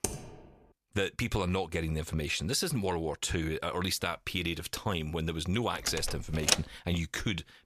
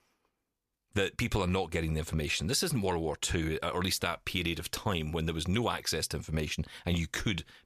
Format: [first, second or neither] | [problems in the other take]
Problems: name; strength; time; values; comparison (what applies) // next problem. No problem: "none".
second | keyboard typing; noticeable; at the start; peak 3 dB below the speech // door banging; loud; at 6 s; peak 5 dB above the speech